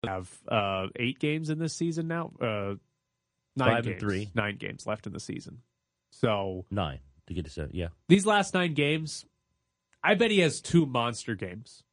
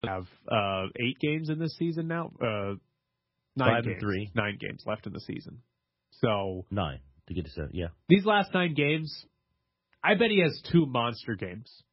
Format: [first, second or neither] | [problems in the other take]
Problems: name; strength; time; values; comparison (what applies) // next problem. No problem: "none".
first | garbled, watery; badly; nothing above 5.5 kHz; slightly in the first